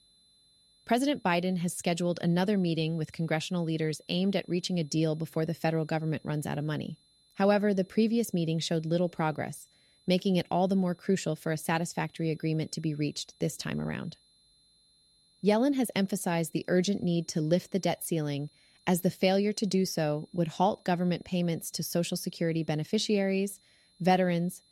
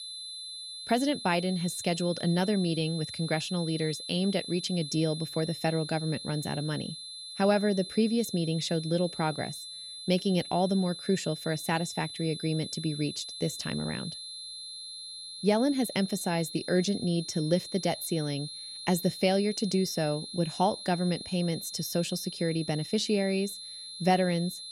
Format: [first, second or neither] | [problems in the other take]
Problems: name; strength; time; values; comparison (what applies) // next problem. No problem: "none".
first | high-pitched whine; loud; throughout; 4 kHz, 9 dB below the speech; faint in the first